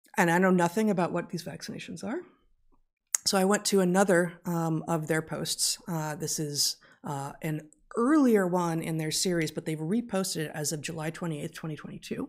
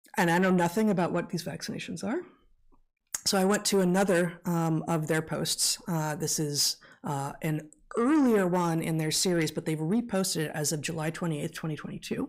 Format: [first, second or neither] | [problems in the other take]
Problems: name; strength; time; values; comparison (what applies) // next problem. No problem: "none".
first | distortion; slight; 10 dB below the speech